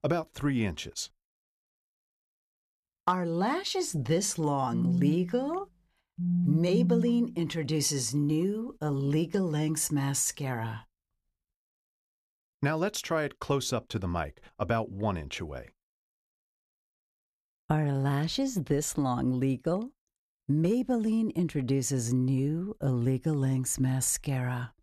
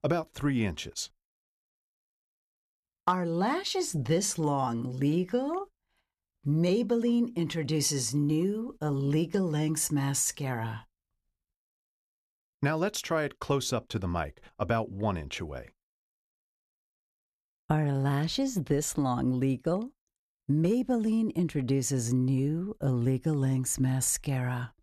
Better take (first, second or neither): second